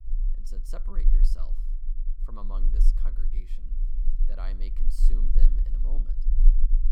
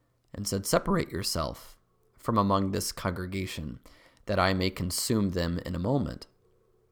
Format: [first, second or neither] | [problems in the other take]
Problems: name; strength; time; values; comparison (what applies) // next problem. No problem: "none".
second | low rumble; loud; throughout; 6 dB below the speech